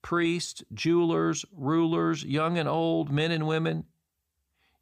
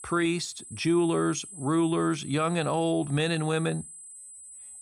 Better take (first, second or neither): first